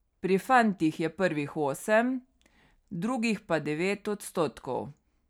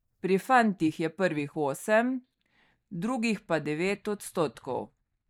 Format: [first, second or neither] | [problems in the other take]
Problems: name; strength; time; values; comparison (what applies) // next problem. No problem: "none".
first | noise reduction (neural mask model DeepFilterNet 3)